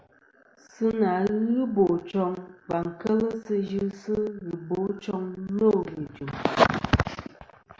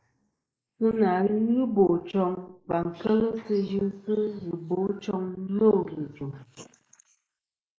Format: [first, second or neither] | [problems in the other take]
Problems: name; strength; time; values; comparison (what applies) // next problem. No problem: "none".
first | noise reduction (neural mask model Resemble Enhance denoiser)